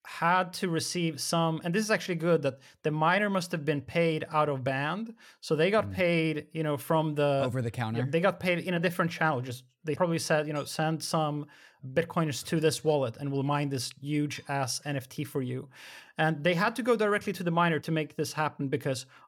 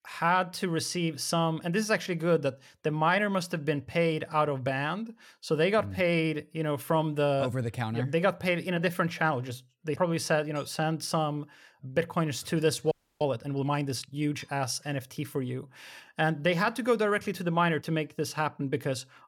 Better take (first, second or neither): first